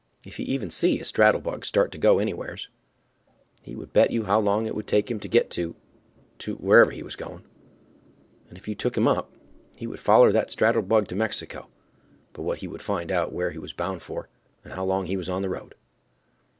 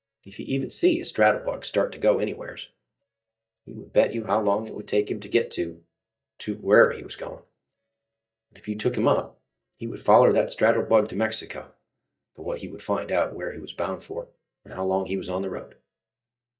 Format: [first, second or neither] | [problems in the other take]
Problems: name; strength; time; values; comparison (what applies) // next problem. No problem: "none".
first | noise reduction (neural mask model DeepFilterNet 3)